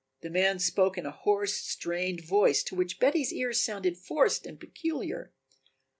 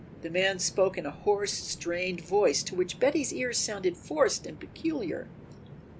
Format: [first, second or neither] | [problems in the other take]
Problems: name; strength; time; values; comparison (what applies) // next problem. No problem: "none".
first | background sound (Train); 17 dB below the speech